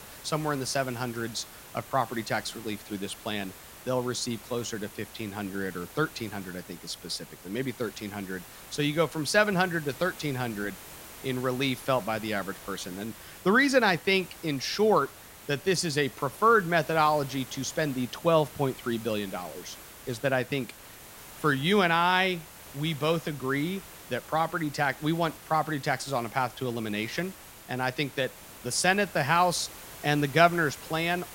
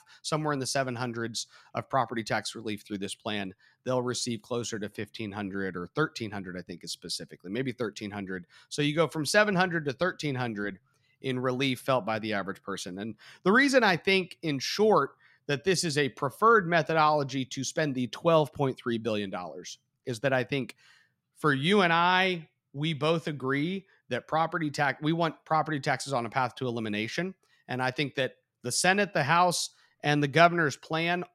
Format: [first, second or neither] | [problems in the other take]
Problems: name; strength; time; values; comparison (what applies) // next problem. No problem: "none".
second | hiss; noticeable; throughout; 15 dB below the speech